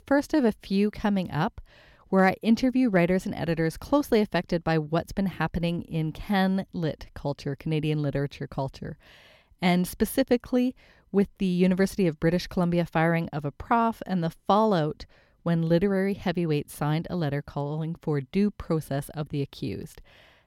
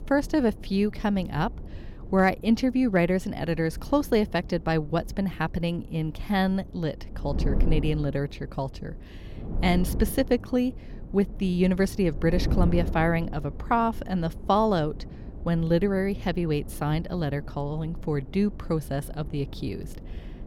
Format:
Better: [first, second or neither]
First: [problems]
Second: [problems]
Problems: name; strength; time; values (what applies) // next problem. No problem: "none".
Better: first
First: none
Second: wind noise on the microphone; occasional gusts; 15 dB below the speech